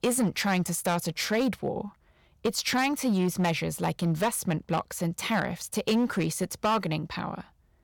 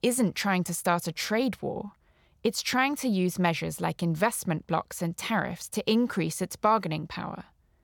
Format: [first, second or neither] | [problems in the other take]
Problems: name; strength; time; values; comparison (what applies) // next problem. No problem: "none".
second | distortion; slight; 6% of the sound clipped